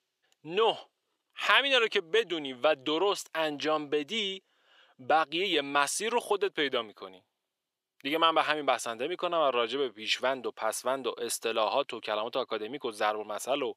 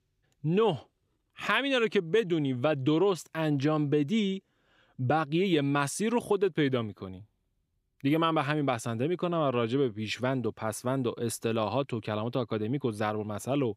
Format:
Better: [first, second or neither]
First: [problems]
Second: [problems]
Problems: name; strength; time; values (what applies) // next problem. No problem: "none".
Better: second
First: thin; very; fading below 600 Hz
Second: none